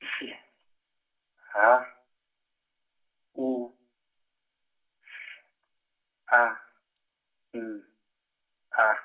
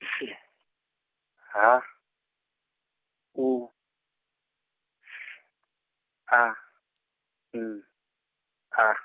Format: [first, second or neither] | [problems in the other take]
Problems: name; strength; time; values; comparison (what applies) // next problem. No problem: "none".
second | room echo; dies away in 0.2 s